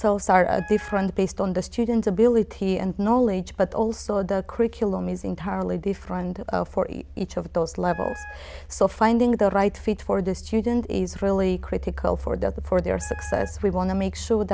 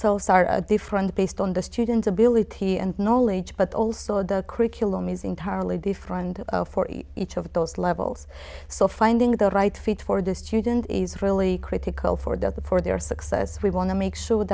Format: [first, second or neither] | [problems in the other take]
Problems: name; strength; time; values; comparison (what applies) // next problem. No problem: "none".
second | background sound (Wind instrument, woodwind instrument); 18 dB below the speech